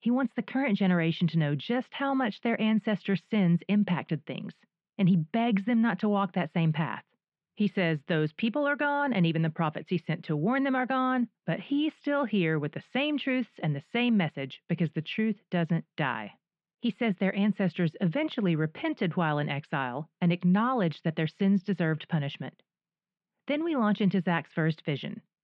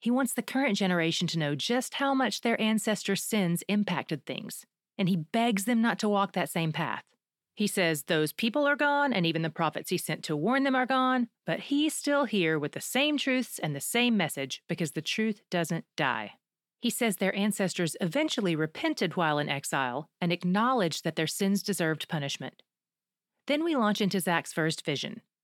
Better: second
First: muffled; very; fading above 3 kHz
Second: none

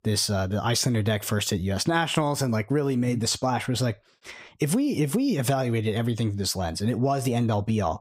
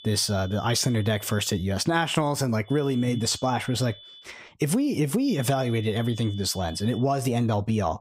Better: first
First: none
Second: high-pitched whine; noticeable; until 1.5 s, from 2.5 to 4 s and from 5.5 to 7 s; 3.5 kHz, 20 dB below the speech

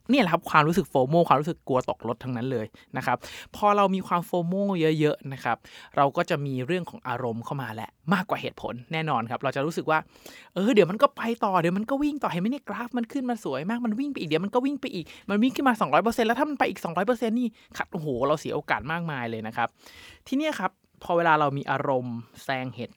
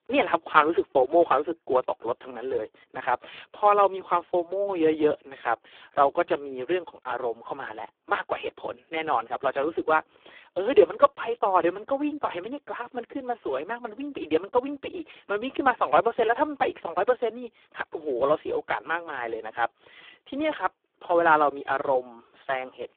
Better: first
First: none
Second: phone-call audio; poor line

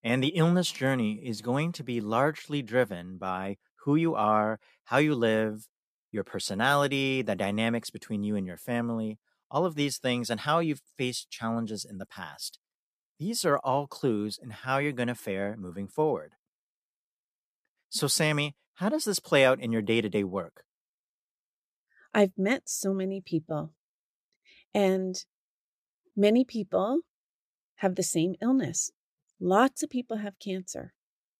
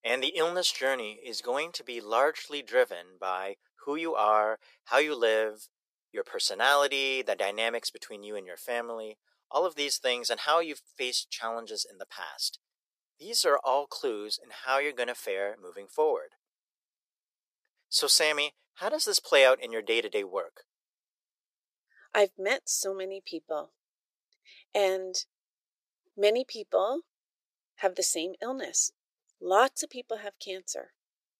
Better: first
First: none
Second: thin; very; fading below 450 Hz

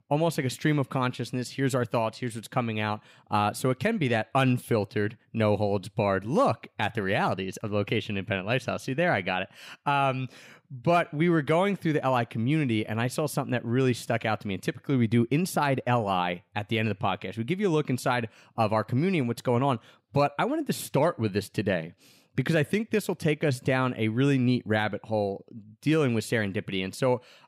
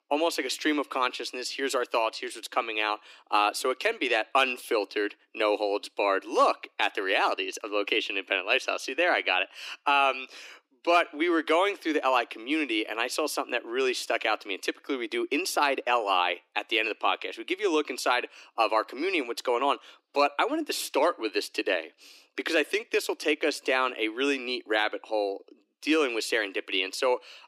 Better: first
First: none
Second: thin; somewhat; fading below 300 Hz

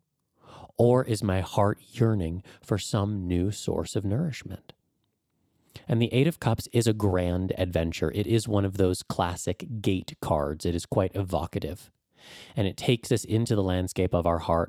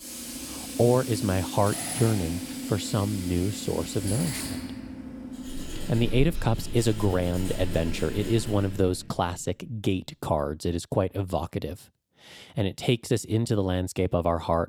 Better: first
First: none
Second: machinery noise; loud; until 8.5 s; 8 dB below the speech

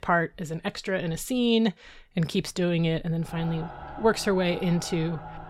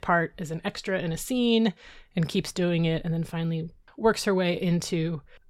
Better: second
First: machinery noise; noticeable; from 3.5 s on; 15 dB below the speech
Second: none

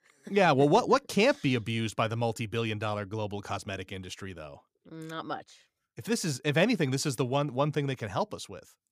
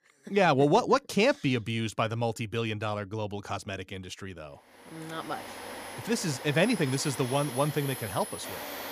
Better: first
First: none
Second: household noises; noticeable; from 5 s on; 10 dB below the speech

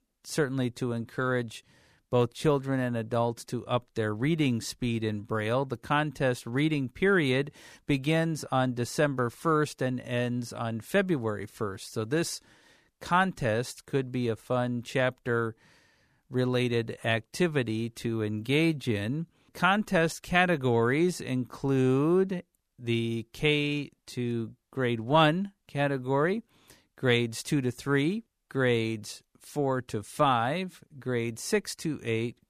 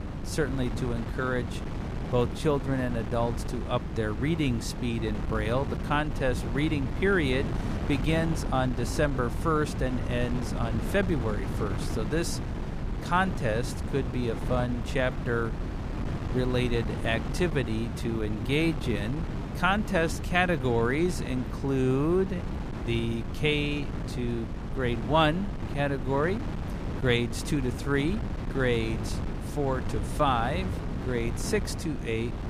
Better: first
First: none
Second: wind noise on the microphone; heavy; 10 dB below the speech

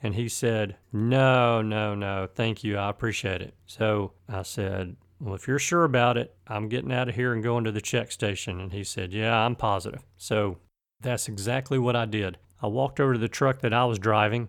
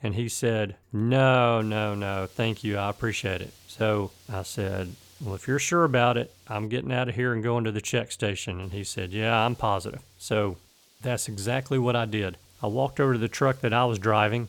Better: first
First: none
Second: hiss; faint; from 1.5 to 6.5 s and from 8.5 s on; 30 dB below the speech

